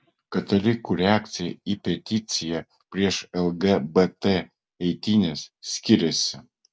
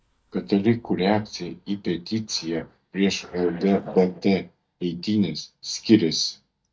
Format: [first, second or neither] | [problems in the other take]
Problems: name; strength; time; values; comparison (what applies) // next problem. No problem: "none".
first | noise reduction (neural mask model DeepFilterNet 3)